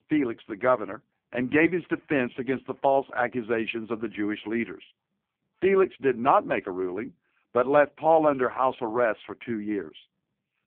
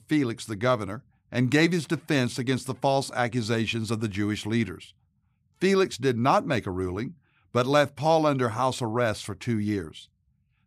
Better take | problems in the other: second | phone-call audio; poor line

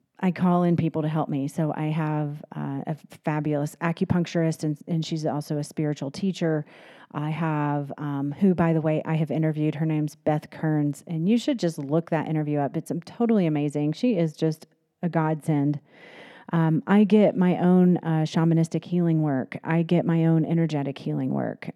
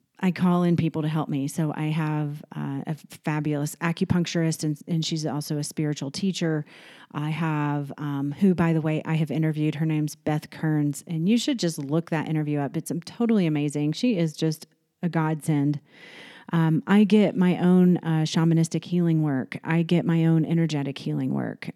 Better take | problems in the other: second | muffled; slightly; fading above 3 kHz

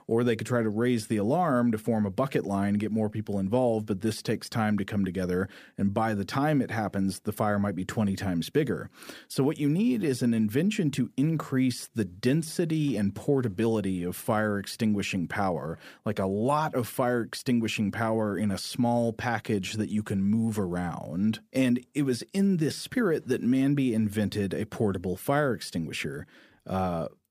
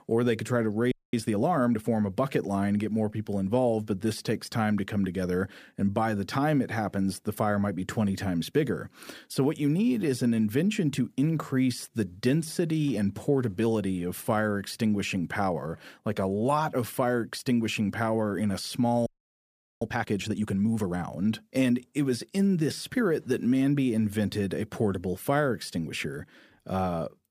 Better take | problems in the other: first | audio freezing; at 1 s and at 19 s for 1 s

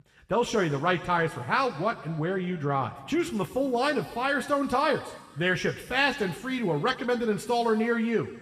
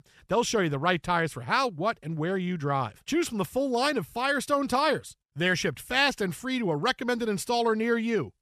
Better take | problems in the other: second | room echo; slight; dies away in 2.6 s

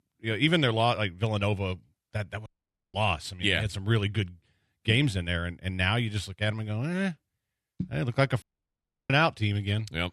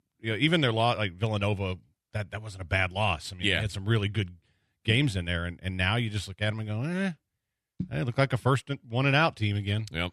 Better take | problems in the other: second | audio cutting out; at 2.5 s and at 8.5 s for 0.5 s

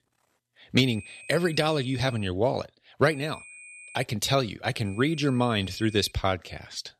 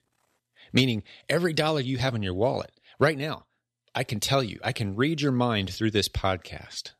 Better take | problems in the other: second | high-pitched whine; noticeable; from 1 to 2.5 s, at 3 s and from 5 to 6 s; 2.5 kHz, 20 dB below the speech

